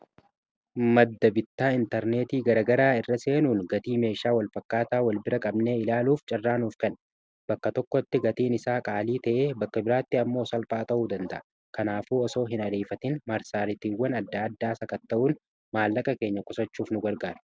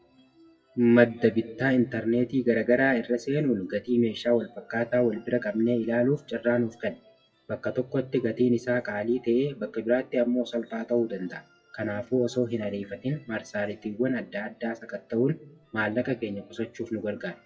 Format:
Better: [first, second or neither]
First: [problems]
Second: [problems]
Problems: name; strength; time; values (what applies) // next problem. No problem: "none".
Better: first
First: none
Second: noise reduction (classical method WPE with log-MMSE)